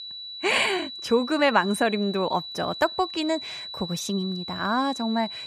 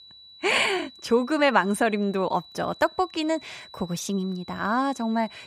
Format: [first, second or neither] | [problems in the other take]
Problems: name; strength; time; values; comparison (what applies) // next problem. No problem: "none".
second | high-pitched whine; loud; throughout; 4 kHz, 9 dB below the speech; faint in the second